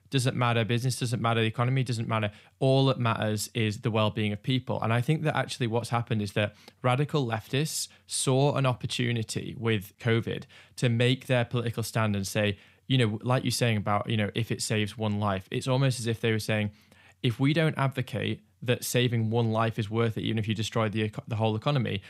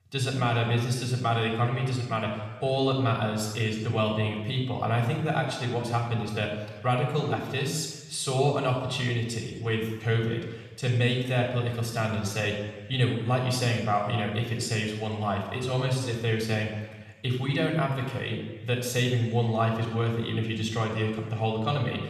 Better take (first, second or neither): first